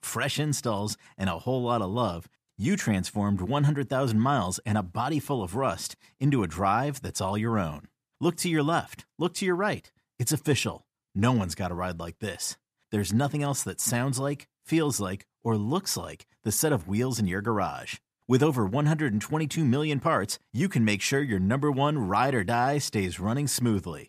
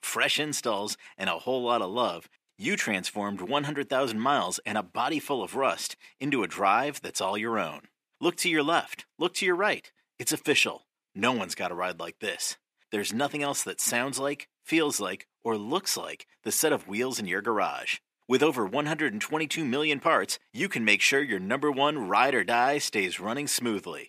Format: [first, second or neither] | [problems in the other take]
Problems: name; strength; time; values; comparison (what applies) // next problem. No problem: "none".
first | thin; somewhat; fading below 350 Hz